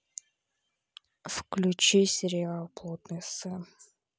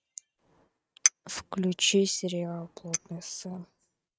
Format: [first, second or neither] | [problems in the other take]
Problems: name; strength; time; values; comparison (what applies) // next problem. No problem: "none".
first | noise reduction (neural mask model RNNoise)